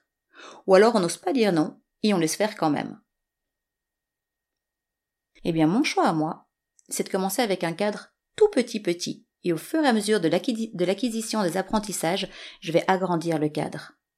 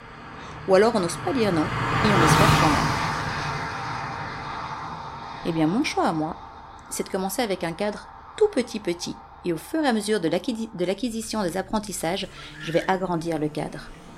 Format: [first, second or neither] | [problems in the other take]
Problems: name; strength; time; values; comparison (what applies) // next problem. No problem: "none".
first | traffic noise; very loud; throughout; as loud as the speech